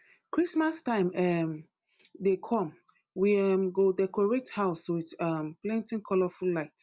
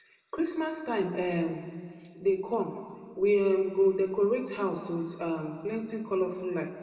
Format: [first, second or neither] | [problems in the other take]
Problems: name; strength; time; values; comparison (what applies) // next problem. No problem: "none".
first | room echo; dies away in 1.8 s